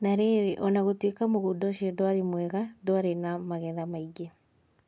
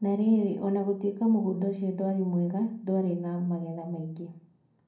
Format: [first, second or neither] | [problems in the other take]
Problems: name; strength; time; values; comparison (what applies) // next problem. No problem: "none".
first | room echo; dies away in 0.6 s